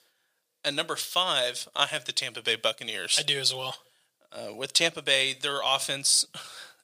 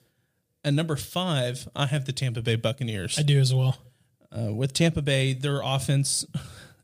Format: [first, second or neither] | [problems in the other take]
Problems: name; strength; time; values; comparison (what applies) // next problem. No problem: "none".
second | thin; very; fading below 600 Hz